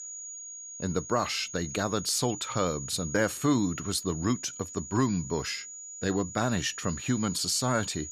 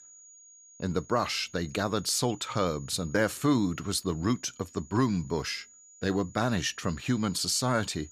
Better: second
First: high-pitched whine; loud; throughout; 7 kHz, 10 dB below the speech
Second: high-pitched whine; faint; throughout; 7 kHz, 20 dB below the speech

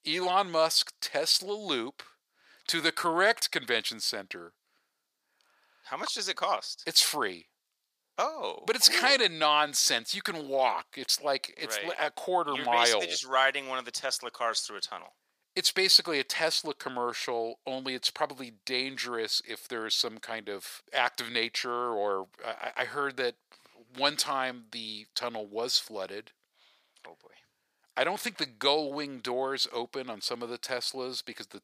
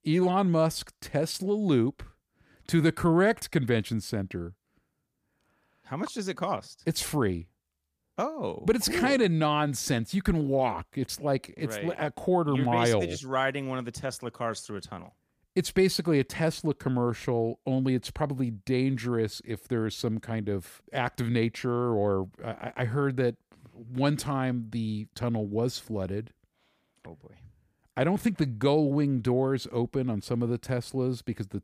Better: second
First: thin; very; fading below 700 Hz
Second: none

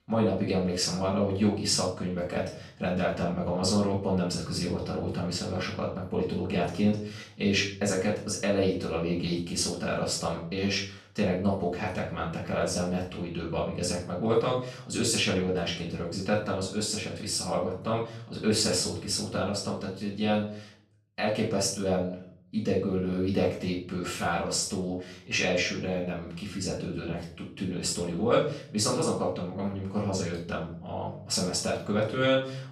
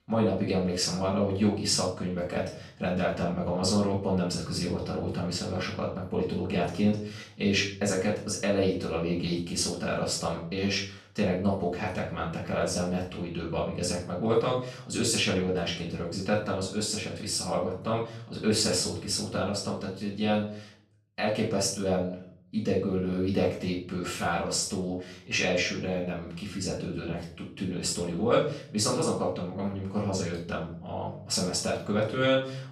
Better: neither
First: off-mic speech; far // room echo; noticeable; dies away in 0.4 s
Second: off-mic speech; far // room echo; noticeable; dies away in 0.4 s

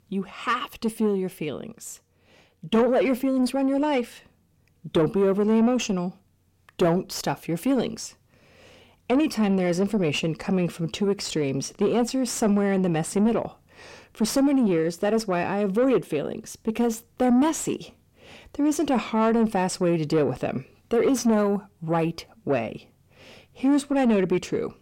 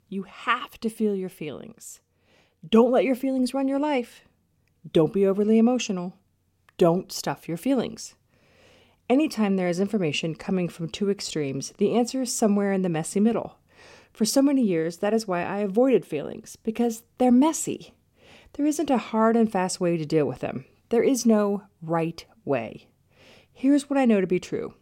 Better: second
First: distortion; slight; 10 dB below the speech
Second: none

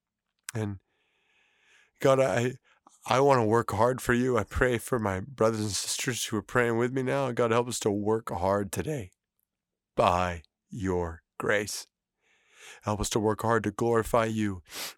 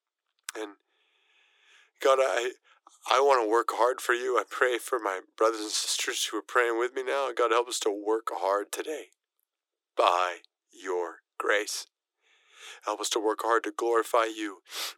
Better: first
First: none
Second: thin; very; fading below 300 Hz

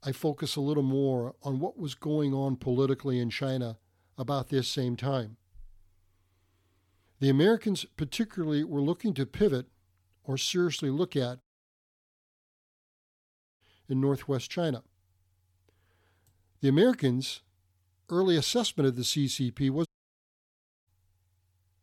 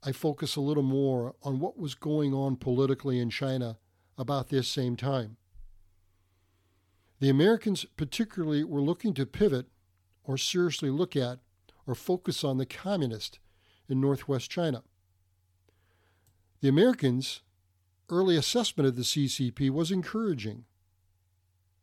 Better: second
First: audio cutting out; at 11 s for 2 s and at 20 s for 1 s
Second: none

